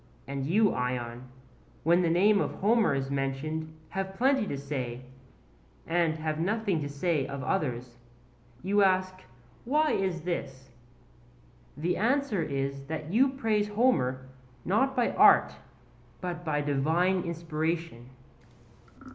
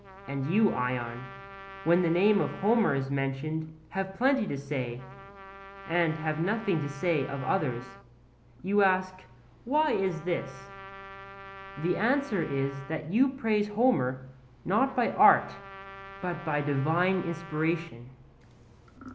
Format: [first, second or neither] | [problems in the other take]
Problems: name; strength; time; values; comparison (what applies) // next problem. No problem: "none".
first | background sound (Trumpet); 17 dB below the speech